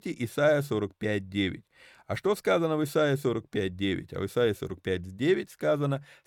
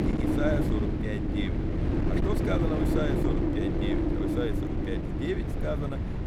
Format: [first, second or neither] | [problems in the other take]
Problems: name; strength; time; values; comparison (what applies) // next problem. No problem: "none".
first | wind noise on the microphone; heavy; 2 dB above the speech